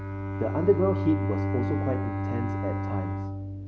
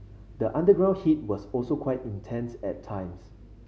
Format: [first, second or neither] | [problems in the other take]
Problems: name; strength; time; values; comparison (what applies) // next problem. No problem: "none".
second | background sound (Bowed string instrument); as loud as the speech